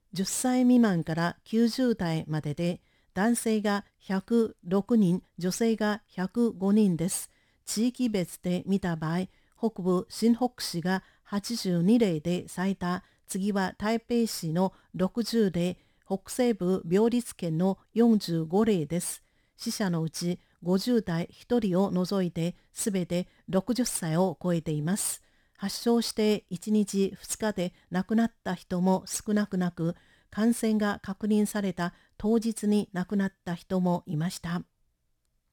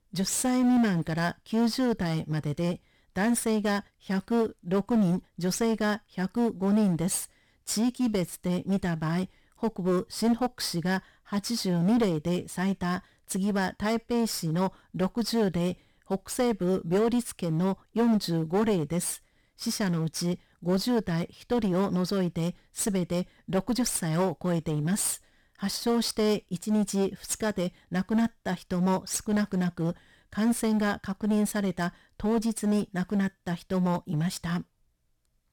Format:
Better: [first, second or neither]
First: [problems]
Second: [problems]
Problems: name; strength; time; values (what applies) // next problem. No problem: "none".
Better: first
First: none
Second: distortion; slight; 9% of the sound clipped